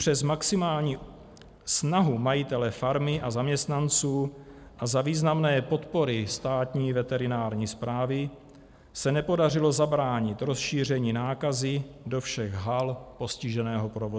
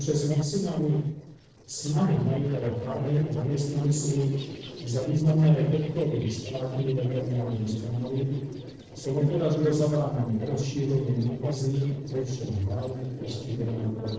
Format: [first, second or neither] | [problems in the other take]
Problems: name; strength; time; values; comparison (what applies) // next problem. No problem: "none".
first | noise reduction (neural separator model SepFormer DNS4)